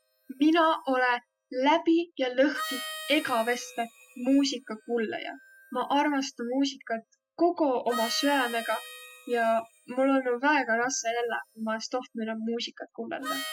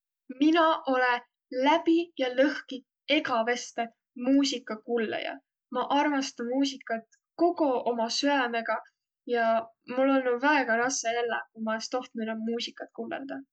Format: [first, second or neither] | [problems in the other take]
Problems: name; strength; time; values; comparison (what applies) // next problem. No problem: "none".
second | noise reduction (classical method spectral subtraction)